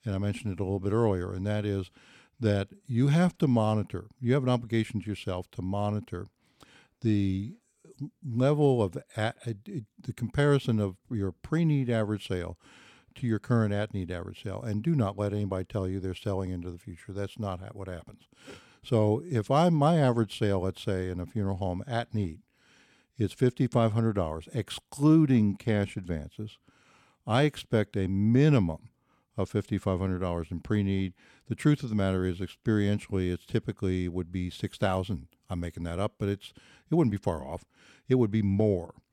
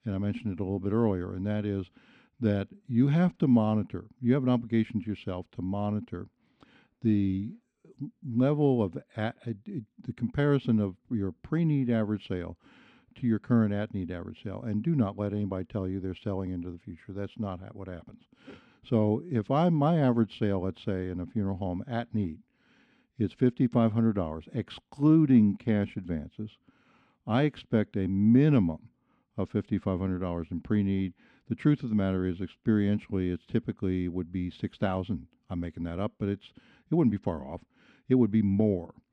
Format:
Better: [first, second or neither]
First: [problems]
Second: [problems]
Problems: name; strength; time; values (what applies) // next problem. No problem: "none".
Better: first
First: none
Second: muffled; slightly; fading above 3.5 kHz